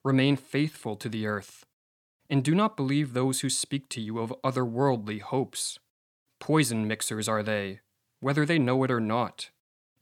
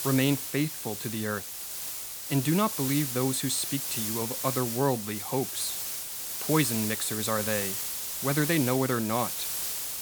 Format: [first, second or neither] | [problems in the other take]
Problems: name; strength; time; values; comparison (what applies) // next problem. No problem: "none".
first | hiss; loud; throughout; 2 dB below the speech